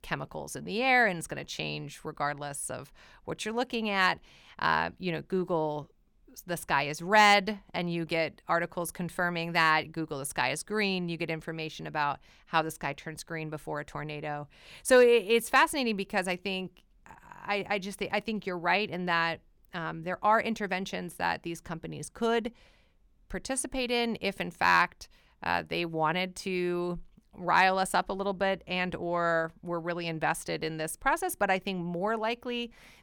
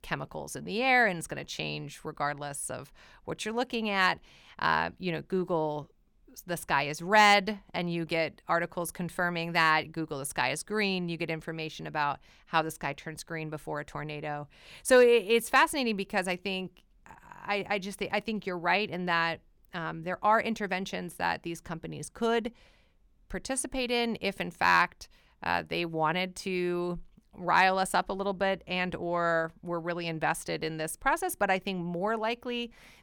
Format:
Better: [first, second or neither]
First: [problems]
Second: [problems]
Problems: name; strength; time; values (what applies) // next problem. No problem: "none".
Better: neither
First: none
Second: none